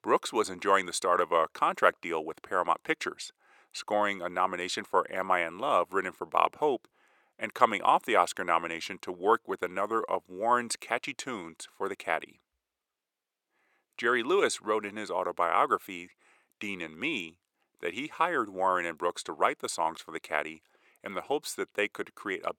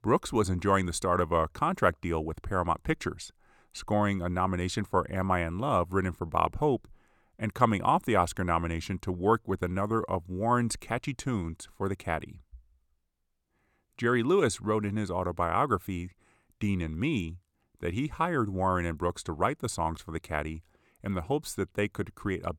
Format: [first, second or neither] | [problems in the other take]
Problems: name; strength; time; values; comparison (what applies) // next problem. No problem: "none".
second | thin; somewhat; fading below 450 Hz